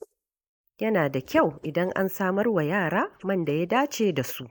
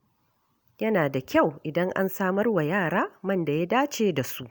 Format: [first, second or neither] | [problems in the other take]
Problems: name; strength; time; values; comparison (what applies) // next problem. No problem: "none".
second | noise reduction (neural mask model Resemble Enhance denoiser)